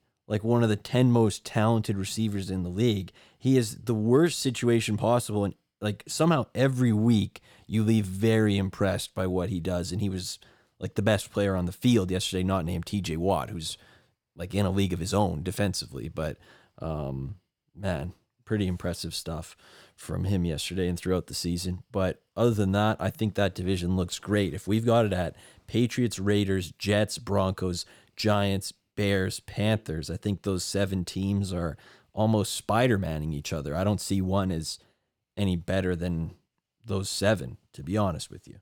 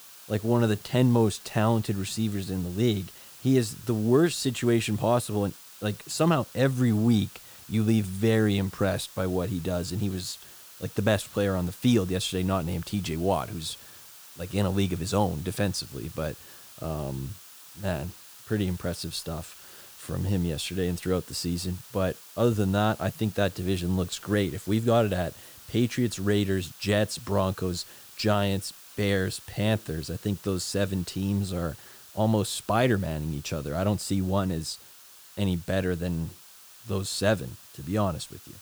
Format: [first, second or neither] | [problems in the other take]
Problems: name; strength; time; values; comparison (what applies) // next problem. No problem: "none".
first | hiss; noticeable; throughout; 20 dB below the speech